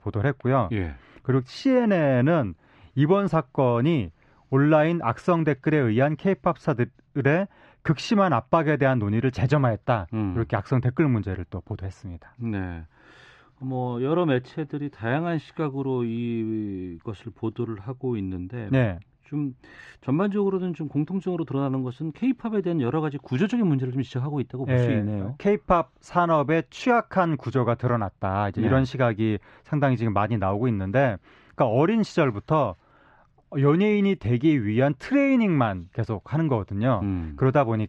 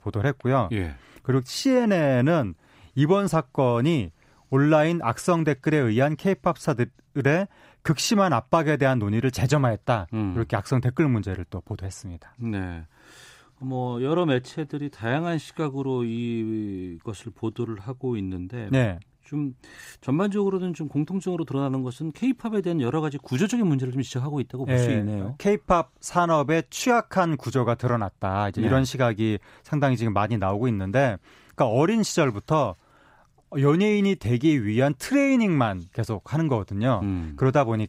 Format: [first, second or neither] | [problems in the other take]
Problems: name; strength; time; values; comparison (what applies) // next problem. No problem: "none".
second | muffled; slightly; fading above 3 kHz